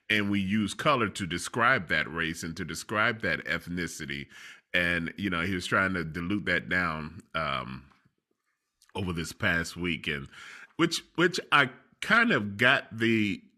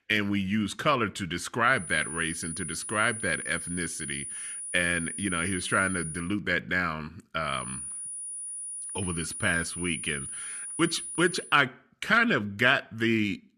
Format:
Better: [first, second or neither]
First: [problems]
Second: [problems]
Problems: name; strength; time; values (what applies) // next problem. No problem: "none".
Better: first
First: none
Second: high-pitched whine; loud; from 2 to 6 s and from 7.5 to 11 s; 9.5 kHz, 7 dB below the speech